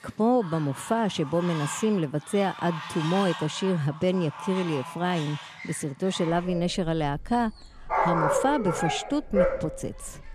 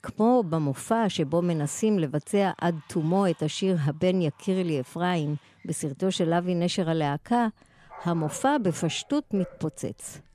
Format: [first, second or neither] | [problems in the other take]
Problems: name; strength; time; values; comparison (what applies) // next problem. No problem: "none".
second | animal sounds; loud; throughout; 5 dB below the speech; faint in the second